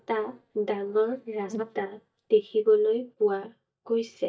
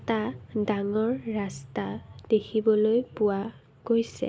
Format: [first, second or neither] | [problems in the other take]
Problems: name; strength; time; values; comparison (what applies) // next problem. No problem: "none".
second | noise reduction (neural mask model DeepFilterNet 3)